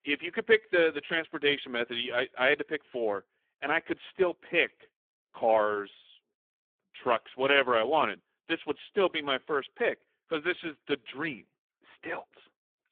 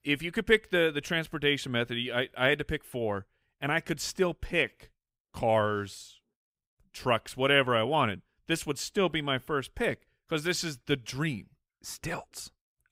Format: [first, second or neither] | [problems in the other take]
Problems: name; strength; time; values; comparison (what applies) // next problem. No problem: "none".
second | phone-call audio; poor line; nothing above 3.5 kHz